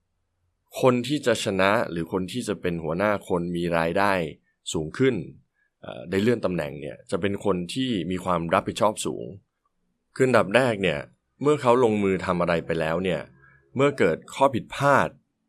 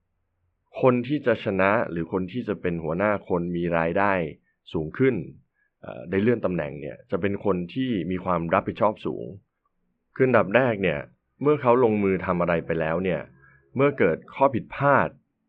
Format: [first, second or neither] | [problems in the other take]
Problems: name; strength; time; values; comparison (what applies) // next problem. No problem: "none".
first | muffled; very; fading above 2.5 kHz